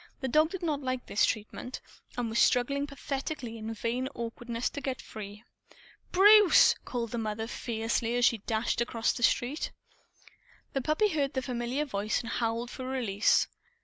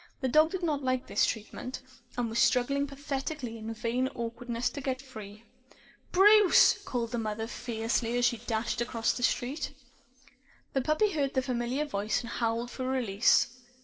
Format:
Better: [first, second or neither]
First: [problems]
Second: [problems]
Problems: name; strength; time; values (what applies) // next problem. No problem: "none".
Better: first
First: none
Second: noise reduction (neural separator model SepFormer DNS4)